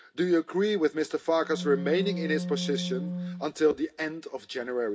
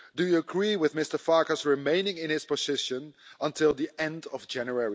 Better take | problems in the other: second | background sound (Wind instrument, woodwind instrument); 7 dB below the speech // room echo; dies away in 0.3 s

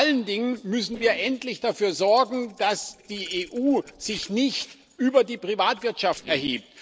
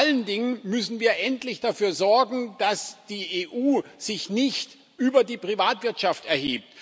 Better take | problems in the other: second | noise reduction (neural separator model SepFormer DNS4)

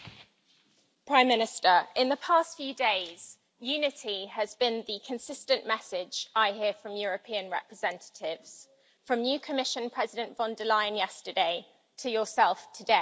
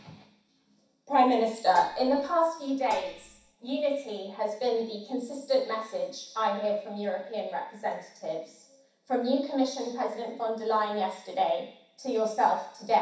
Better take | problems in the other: first | background sound (Dishes, pots, and pans); 17 dB below the speech // room echo; dies away in 0.7 s

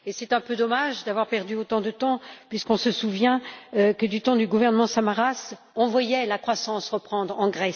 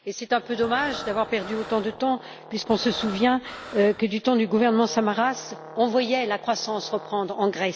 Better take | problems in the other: first | background sound (Breathing + Brass instrument); 16 dB below the speech

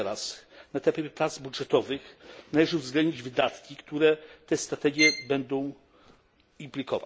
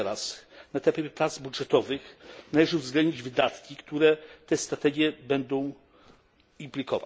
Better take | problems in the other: second | background sound (Bowed string instrument); 1 dB below the speech

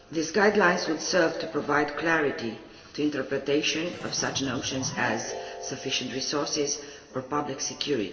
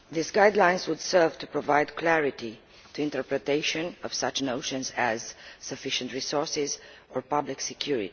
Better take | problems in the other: second | background sound (Keyboard (musical)); 17 dB below the speech // room echo; dies away in 1.7 s

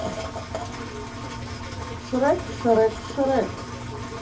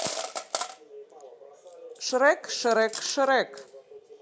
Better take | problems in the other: second | background sound (Engine); 8 dB below the speech // room echo; dies away in 0.3 s

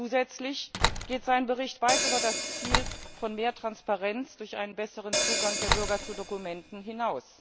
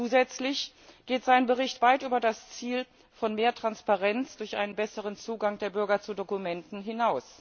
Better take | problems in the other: second | background sound (Hi-hat + Slam); as loud as the speech

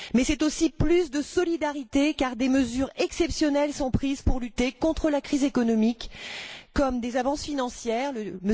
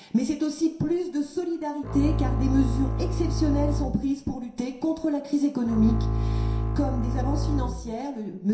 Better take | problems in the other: first | background sound (Bowed string instrument); as loud as the speech // room echo; dies away in 0.7 s

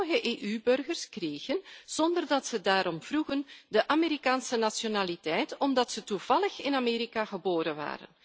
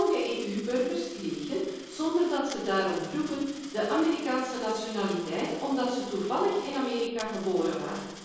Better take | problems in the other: first | background sound (Coin (dropping)); 18 dB below the speech // room echo; dies away in 1.3 s

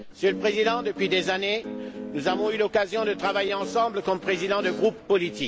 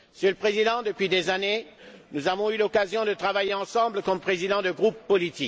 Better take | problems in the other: second | background sound (Guitar); 11 dB below the speech

